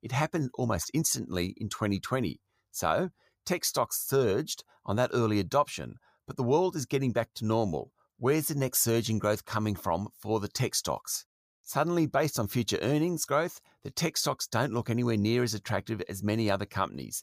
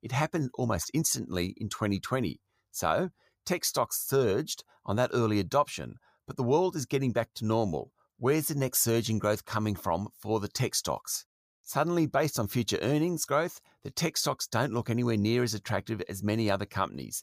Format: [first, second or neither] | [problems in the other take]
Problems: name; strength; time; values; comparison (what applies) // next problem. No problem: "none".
neither | none